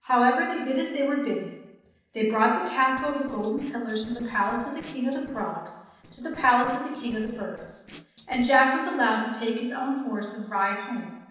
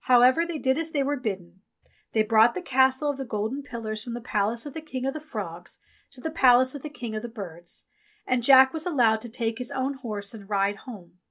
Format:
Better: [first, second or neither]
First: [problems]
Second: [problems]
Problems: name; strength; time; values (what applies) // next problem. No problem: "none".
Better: second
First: noise reduction (neural separator model SepFormer DNS4)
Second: none